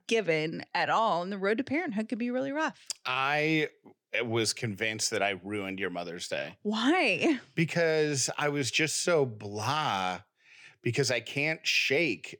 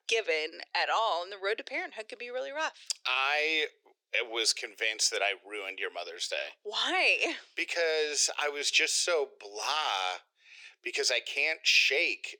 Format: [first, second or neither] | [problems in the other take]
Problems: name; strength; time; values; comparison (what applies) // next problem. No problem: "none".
first | thin; very; fading below 400 Hz